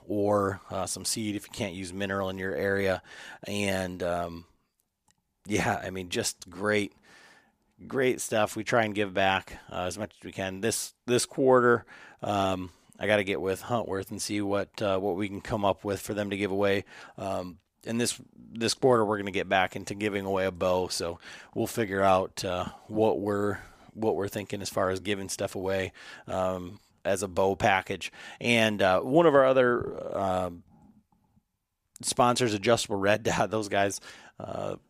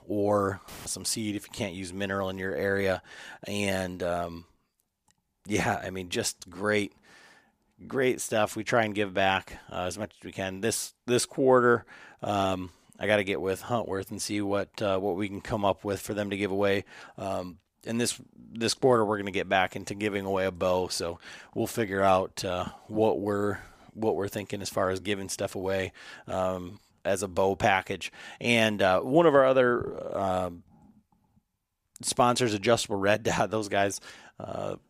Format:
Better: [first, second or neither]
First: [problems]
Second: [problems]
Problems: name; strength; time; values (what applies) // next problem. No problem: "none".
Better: first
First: none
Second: audio cutting out; filled with static; at 0.5 s